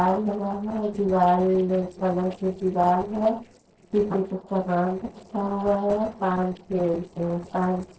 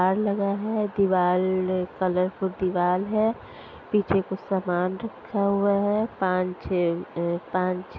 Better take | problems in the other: second | noise reduction (neural separator model SepFormer DNS4)

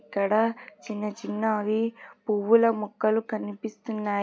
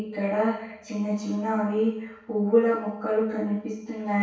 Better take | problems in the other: first | room echo; dies away in 0.6 s

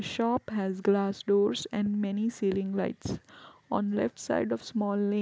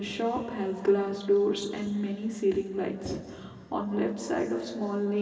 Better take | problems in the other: first | room echo; dies away in 2.5 s

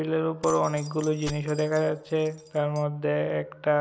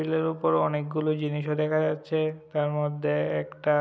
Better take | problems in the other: second | background sound (Keys jangling); 18 dB below the speech

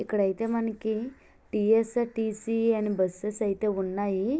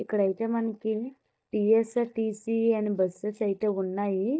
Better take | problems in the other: first | noise reduction (neural mask model DeepFilterNet 3)

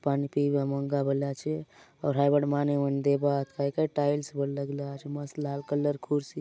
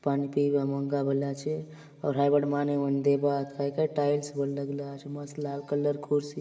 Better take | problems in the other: first | room echo; dies away in 2.1 s

